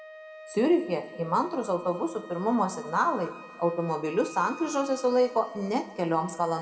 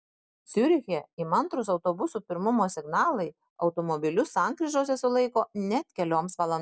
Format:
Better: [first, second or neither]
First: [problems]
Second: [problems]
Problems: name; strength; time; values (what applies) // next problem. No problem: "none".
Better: second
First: background sound (Wind instrument, woodwind instrument); 19 dB below the speech // room echo; dies away in 1.5 s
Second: none